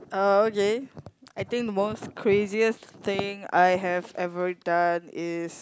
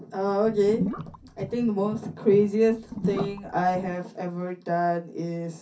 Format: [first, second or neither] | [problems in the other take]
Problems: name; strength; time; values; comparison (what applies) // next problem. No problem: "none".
first | background sound (Gurgling / Liquid); 8 dB below the speech // room echo; dies away in 0.3 s